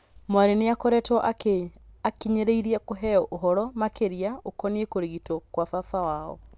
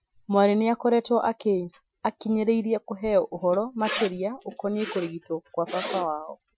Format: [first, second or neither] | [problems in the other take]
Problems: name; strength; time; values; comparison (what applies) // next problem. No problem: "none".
first | noise reduction (classical method Wiener filter)